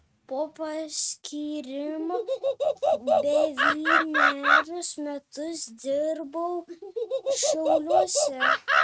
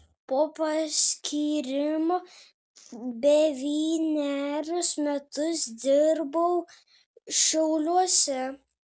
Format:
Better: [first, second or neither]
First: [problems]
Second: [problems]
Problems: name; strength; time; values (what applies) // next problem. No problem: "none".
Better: second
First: noise reduction (neural mask model RNNoise)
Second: none